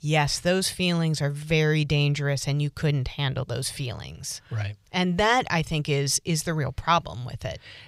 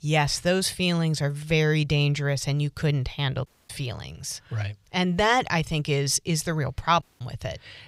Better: first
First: none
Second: audio cutting out; at 3.5 s and at 7 s

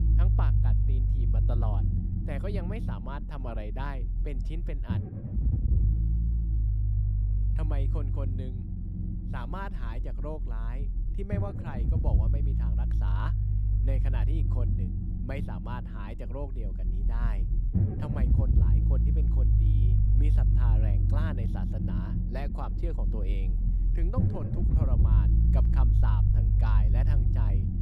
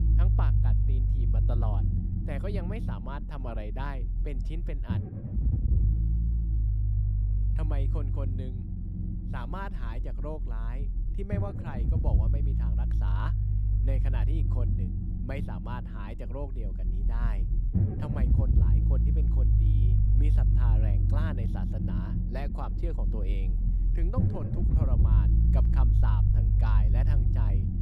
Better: neither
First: low rumble; loud; throughout; 1 dB below the speech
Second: low rumble; loud; throughout; 1 dB below the speech

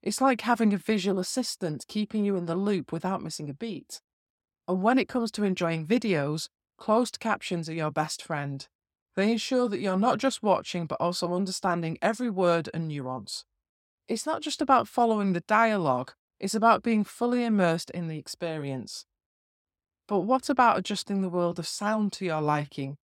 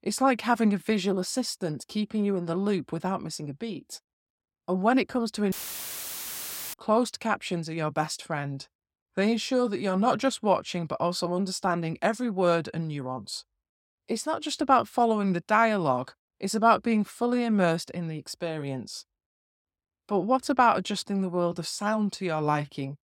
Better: first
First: none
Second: audio cutting out; filled with static; at 5.5 s for 1 s

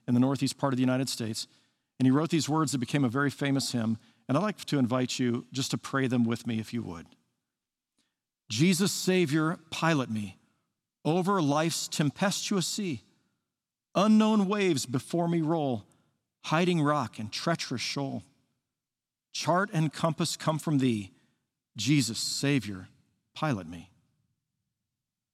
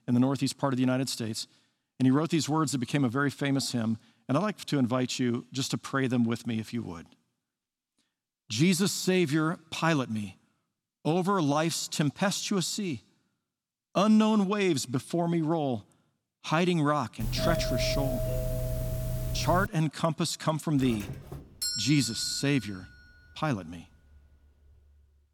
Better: first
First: none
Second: doorbell; noticeable; from 17 to 20 s and from 21 to 22 s; peak 1 dB below the speech

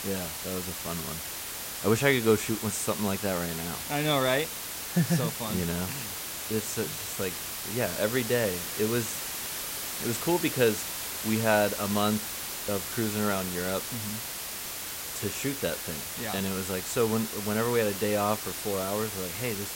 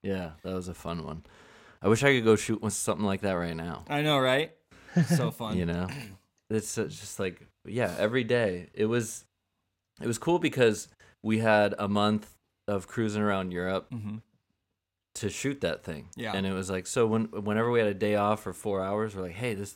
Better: second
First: hiss; loud; throughout; 4 dB below the speech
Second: none

